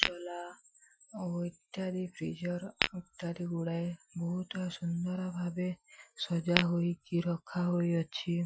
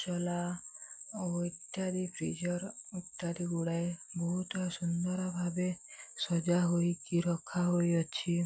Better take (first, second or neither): second